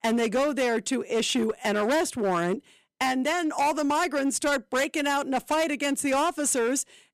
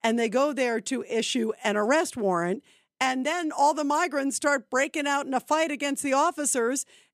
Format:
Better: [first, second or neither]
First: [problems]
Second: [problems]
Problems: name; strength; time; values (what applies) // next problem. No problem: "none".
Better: second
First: distortion; slight; 14% of the sound clipped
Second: none